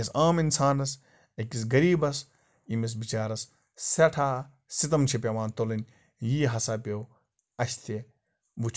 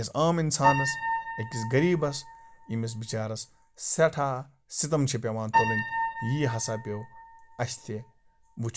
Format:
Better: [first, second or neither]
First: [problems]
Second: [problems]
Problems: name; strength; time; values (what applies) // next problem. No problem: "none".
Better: first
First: none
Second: background sound (Piano); 5 dB below the speech